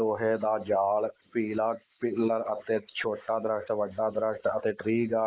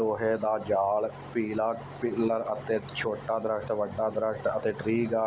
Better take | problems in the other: second | noise reduction (neural mask model Resemble Enhance denoiser)

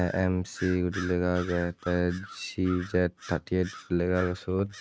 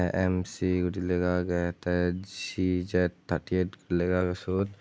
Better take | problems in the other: second | noise reduction (neural mask model RNNoise)

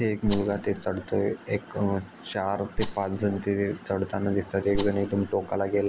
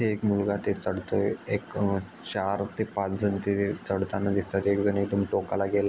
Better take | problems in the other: second | background sound (Rattle); 7 dB below the speech

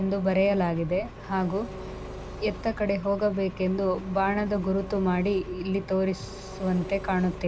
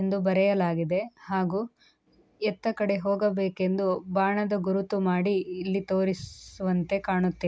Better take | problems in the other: second | background sound (Engine); 11 dB below the speech

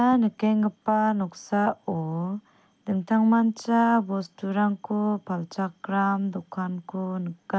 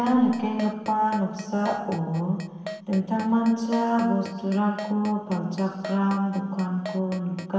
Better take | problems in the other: first | background sound (Keyboard (musical)); 16 dB below the speech // room echo; dies away in 1.2 s

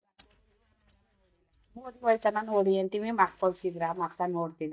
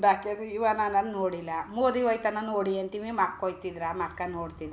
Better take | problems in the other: second | noise reduction (neural mask model DeepFilterNet 3)

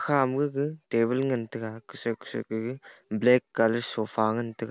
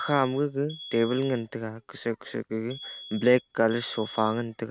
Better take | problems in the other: first | noise reduction (neural mask model RNNoise)

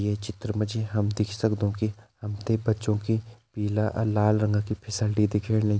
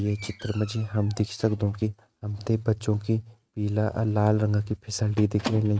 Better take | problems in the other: first | noise reduction (neural mask model RNNoise)

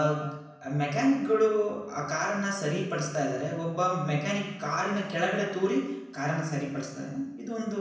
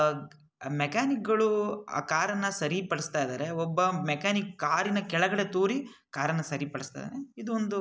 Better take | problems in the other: second | room echo; dies away in 0.9 s

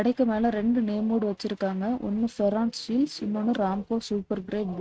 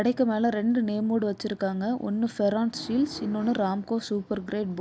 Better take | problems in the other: second | noise reduction (neural mask model RNNoise)

